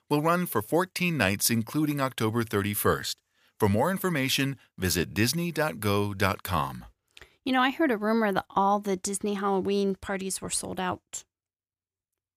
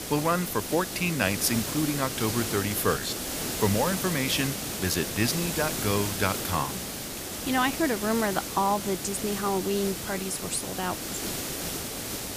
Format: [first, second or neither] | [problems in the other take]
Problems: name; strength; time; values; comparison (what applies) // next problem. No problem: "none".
first | hiss; loud; throughout; 3 dB below the speech